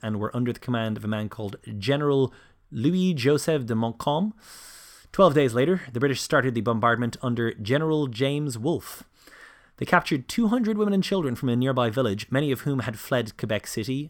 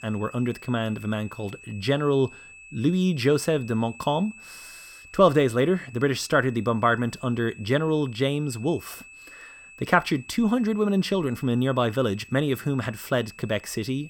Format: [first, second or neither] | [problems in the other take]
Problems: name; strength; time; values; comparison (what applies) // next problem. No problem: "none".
first | high-pitched whine; faint; throughout; 2.5 kHz, 20 dB below the speech